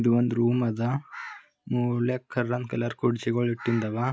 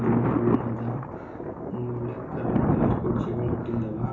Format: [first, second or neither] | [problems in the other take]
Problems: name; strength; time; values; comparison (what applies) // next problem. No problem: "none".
first | background sound (Thunder); 3 dB above the speech // room echo; dies away in 0.6 s